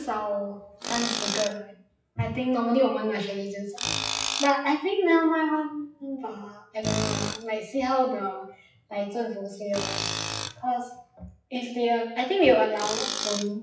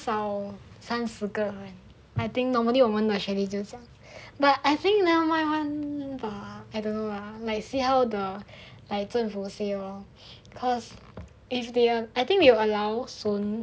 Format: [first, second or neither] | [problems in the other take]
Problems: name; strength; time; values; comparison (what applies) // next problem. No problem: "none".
second | noise reduction (classical method WPE with log-MMSE)